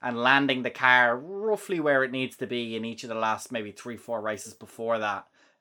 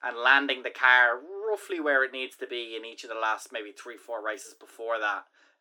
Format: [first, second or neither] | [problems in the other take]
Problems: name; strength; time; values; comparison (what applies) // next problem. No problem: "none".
first | thin; somewhat; fading below 300 Hz